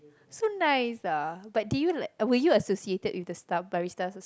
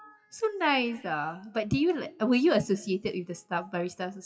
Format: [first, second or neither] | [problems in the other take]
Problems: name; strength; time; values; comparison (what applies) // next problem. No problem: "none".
first | noise reduction (classical method WPE with log-MMSE)